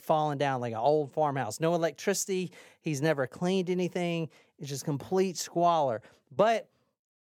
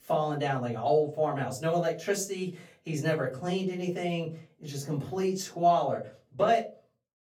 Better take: first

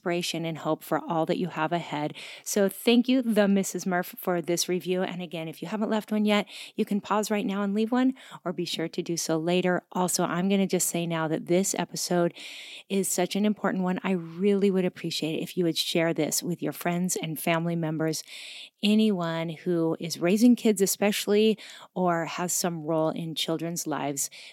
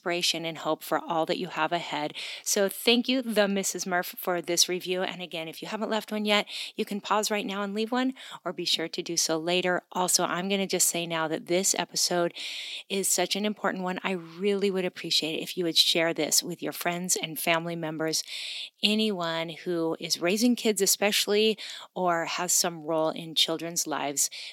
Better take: first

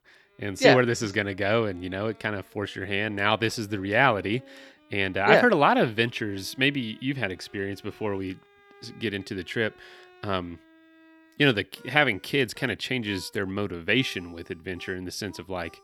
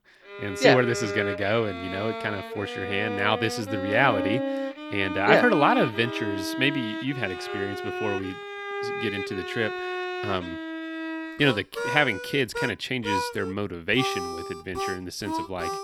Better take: first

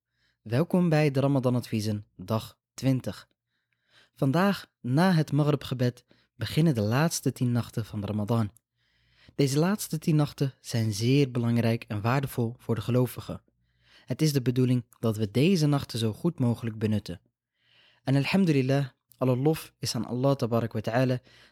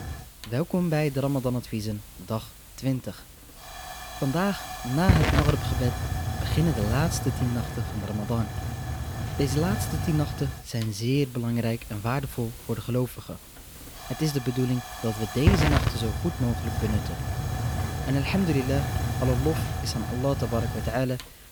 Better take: first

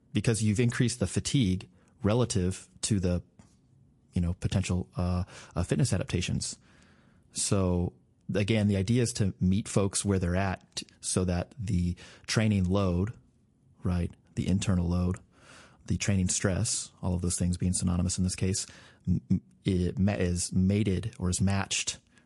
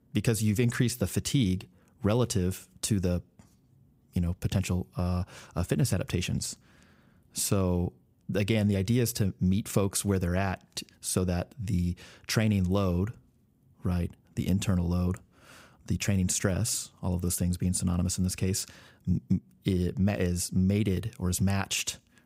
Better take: second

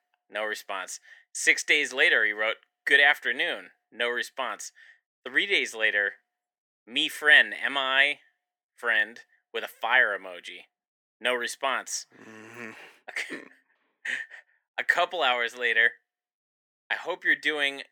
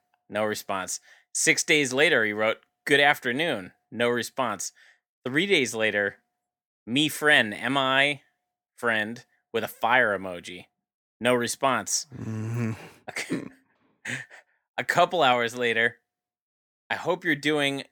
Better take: second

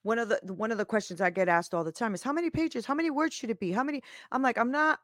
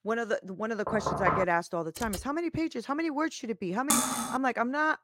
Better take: first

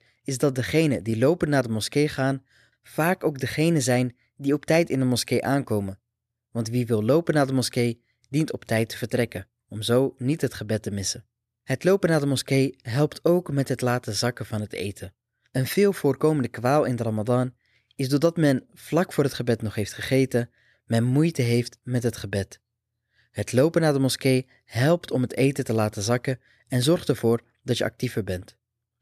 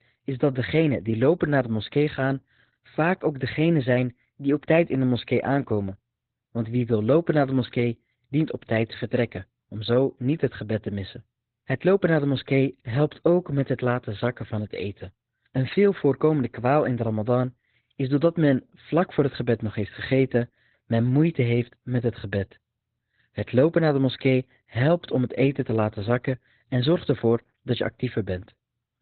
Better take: first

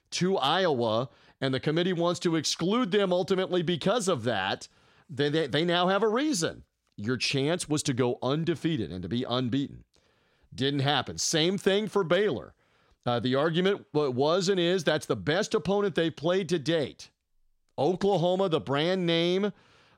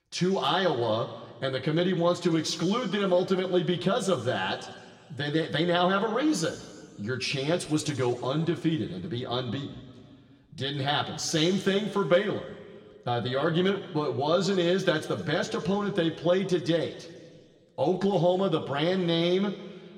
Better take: first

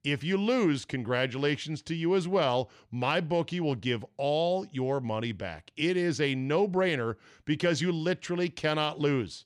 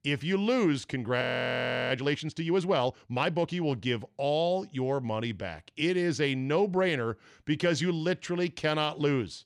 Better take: first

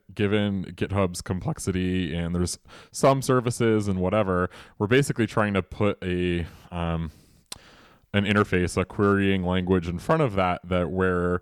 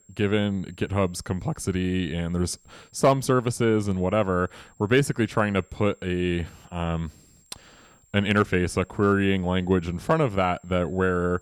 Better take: first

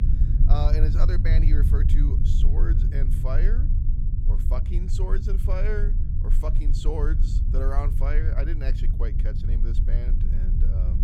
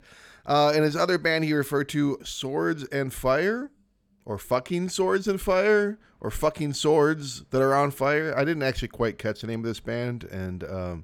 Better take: second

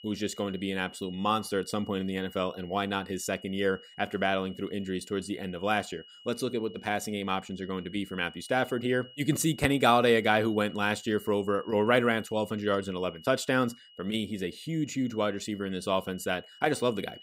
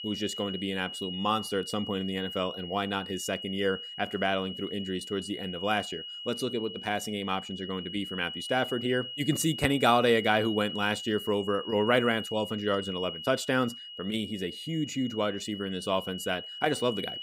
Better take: first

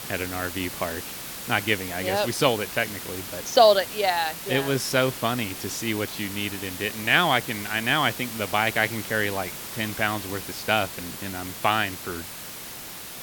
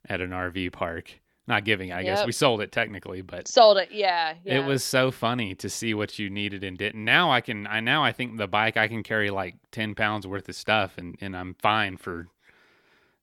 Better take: second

